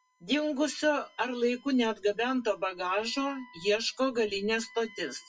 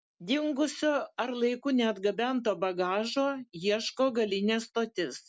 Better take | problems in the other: second | noise reduction (classical method WPE with log-MMSE)

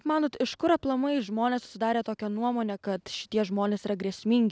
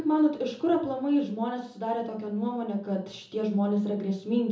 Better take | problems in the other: first | room echo; dies away in 1 s

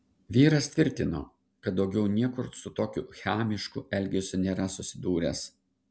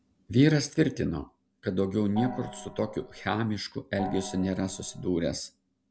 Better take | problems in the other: first | background sound (Gong); 11 dB below the speech

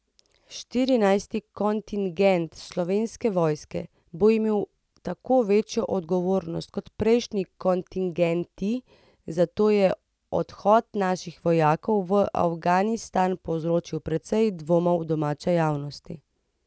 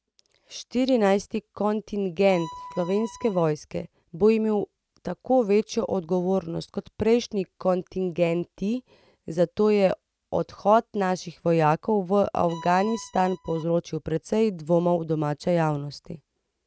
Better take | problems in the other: first | noise reduction (neural mask model RNNoise)

